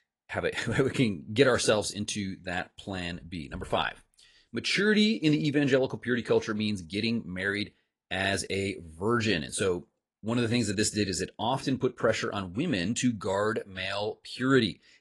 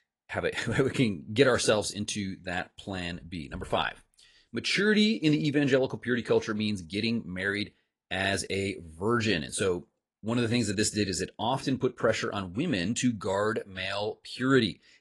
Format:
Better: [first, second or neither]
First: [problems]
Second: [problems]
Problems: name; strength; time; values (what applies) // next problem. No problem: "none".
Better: neither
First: garbled, watery; slightly; nothing above 10.5 kHz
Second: garbled, watery; slightly; nothing above 10.5 kHz